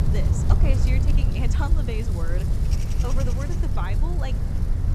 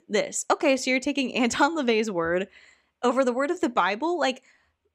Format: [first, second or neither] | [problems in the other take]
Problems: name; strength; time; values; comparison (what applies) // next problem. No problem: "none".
second | wind noise on the microphone; heavy; 2 dB below the speech